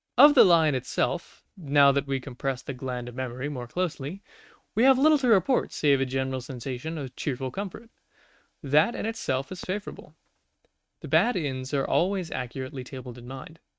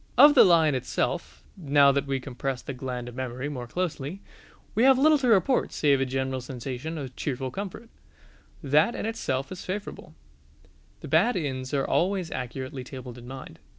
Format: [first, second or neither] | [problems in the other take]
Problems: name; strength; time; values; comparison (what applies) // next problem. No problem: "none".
second | noise reduction (neural mask model RNNoise)